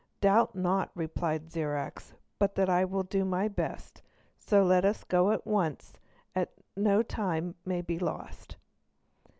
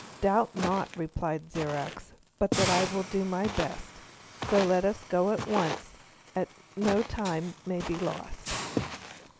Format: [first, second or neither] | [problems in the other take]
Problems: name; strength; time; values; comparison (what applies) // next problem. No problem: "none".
first | background sound (Walk, footsteps + Hiss); 7 dB below the speech